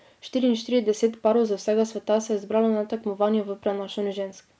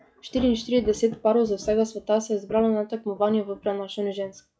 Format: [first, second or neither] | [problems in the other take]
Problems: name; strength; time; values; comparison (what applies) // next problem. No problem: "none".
first | noise reduction (classical method log-MMSE)